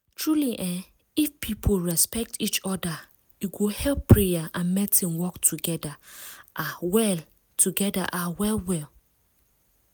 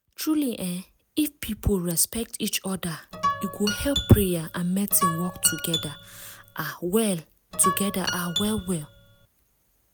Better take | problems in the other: first | background sound (Guitar); 5 dB below the speech

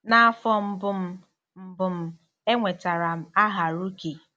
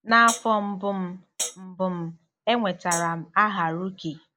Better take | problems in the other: first | noise reduction (neural mask model Resemble Enhance denoiser)

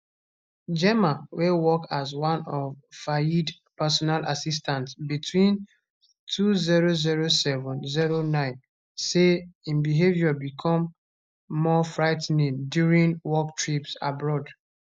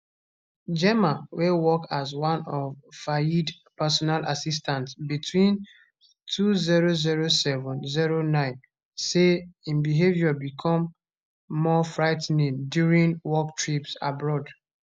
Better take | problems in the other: second | noise reduction (neural mask model DeepFilterNet 3)

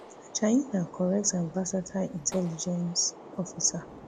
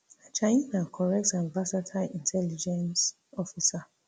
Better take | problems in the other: second | background sound (Gunshot, gunfire); 17 dB below the speech

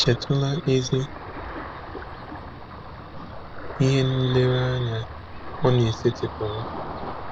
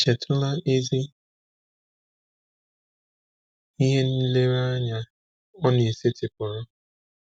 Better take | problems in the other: second | background sound (Ocean); 9 dB below the speech

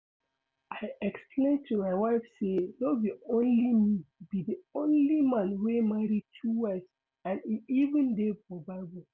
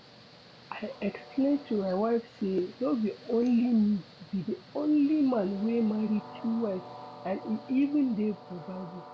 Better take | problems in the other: first | background sound (Train); 19 dB below the speech

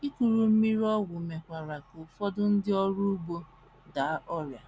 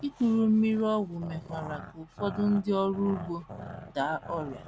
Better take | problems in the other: first | background sound (Growling); 15 dB below the speech

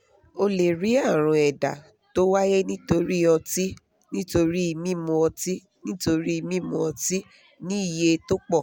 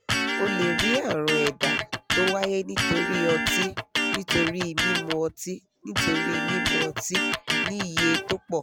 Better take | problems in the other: first | background sound (Electric guitar); 2 dB above the speech

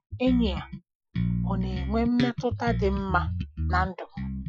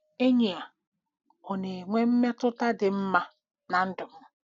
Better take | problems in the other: second | noise reduction (classical method Wiener filter)

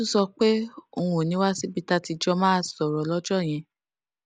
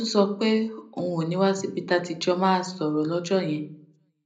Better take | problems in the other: first | room echo; dies away in 0.5 s

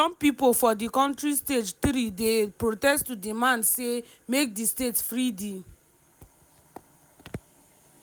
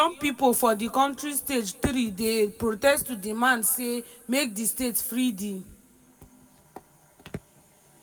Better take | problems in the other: first | room echo; dies away in 1.6 s

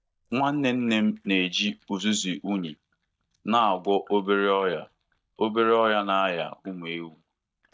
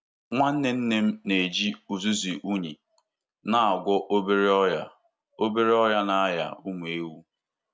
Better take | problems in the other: second | noise reduction (neural mask model DeepFilterNet 3)

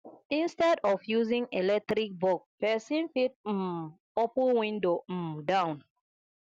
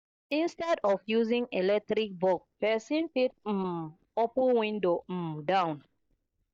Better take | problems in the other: first | noise reduction (neural mask model DeepFilterNet 3)

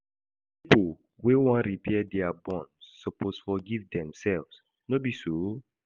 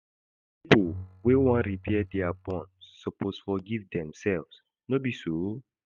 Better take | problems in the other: first | noise reduction (neural mask model RNNoise)

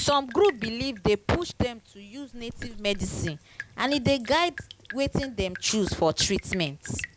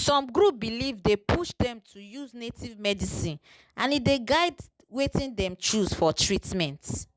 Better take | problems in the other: second | background sound (Drip); 15 dB below the speech

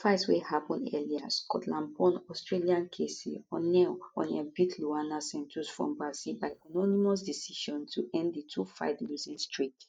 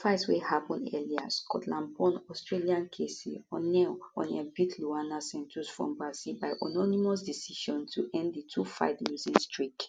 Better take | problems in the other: second | noise reduction (neural mask model DeepFilterNet 3)

